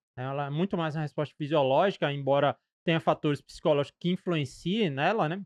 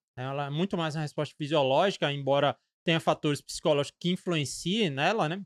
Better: second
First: muffled; slightly; fading above 3.5 kHz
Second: none

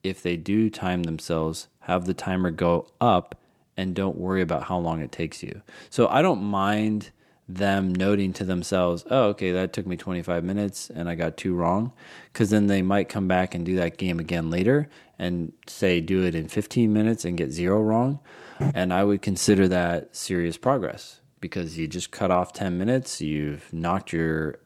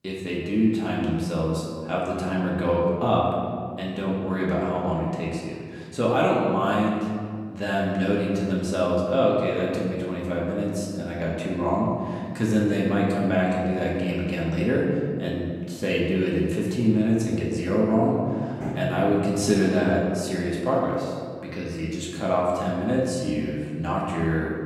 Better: first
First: none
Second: room echo; noticeable; dies away in 1.8 s // off-mic speech; far

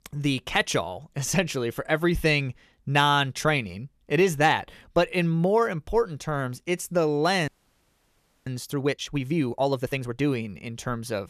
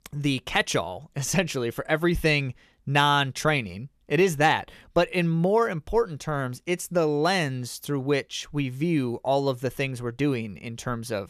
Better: second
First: audio freezing; at 7.5 s for 1 s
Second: none

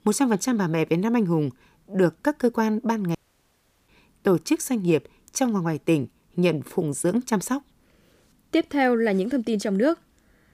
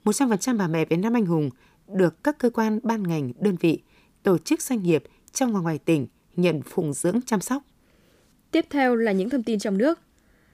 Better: second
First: audio cutting out; at 3 s for 0.5 s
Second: none

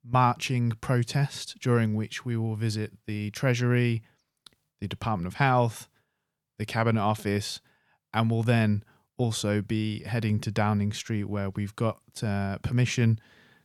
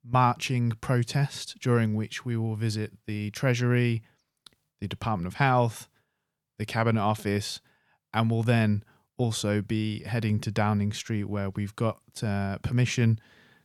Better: neither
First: none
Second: none

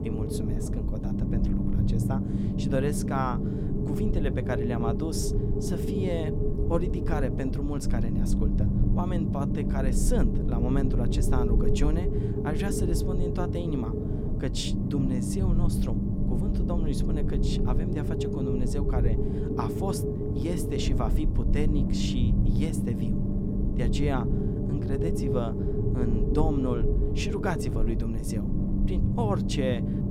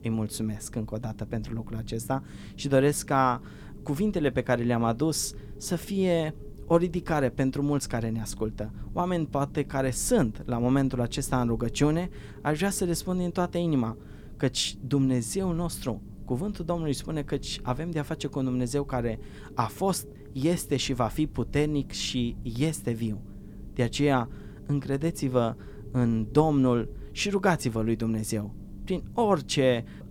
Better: second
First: low rumble; loud; throughout; as loud as the speech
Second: low rumble; faint; throughout; 20 dB below the speech

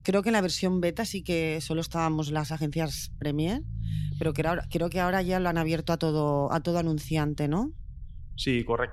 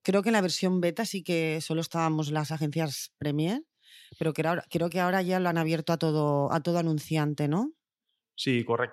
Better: second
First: low rumble; faint; throughout; 25 dB below the speech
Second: none

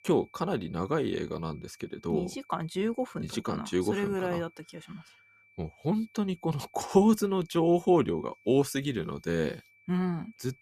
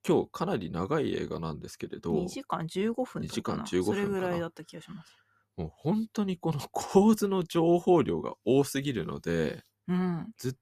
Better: second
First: high-pitched whine; faint; throughout; 2.5 kHz, 30 dB below the speech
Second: none

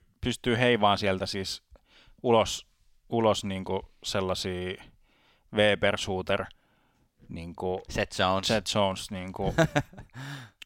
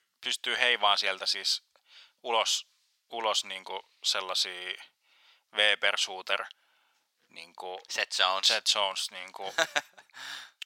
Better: first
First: none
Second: thin; very; fading below 950 Hz

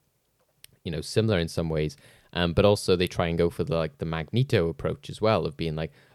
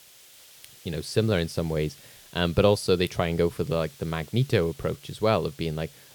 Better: first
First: none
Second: hiss; faint; throughout; 20 dB below the speech

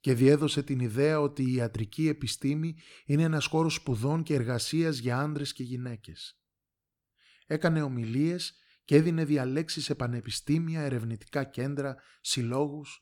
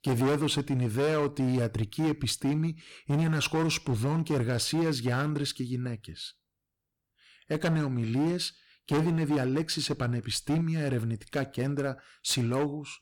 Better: first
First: none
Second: distortion; heavy; 12% of the sound clipped

